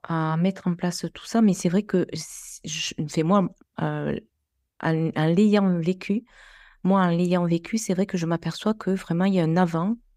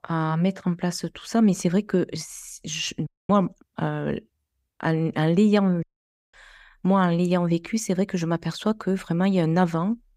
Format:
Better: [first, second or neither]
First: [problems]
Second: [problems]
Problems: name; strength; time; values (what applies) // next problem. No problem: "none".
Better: first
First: none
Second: audio cutting out; at 3 s and at 6 s for 0.5 s